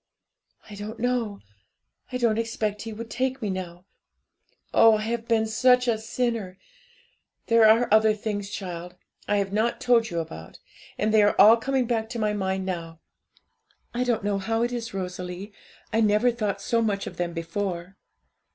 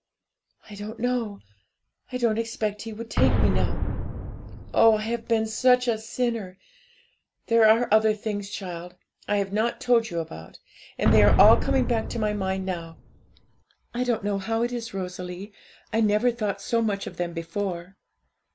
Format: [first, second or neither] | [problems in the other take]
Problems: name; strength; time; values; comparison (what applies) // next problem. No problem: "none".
first | background sound (Boom); 1 dB above the speech